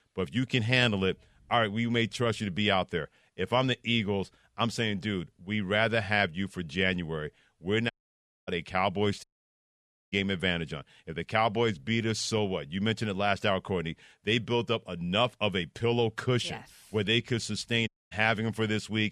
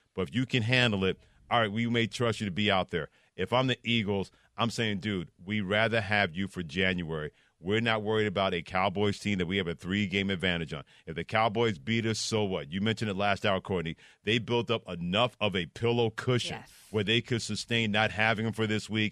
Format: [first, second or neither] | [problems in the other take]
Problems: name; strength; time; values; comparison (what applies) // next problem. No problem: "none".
second | audio cutting out; at 8 s for 0.5 s, at 9 s for 1 s and at 18 s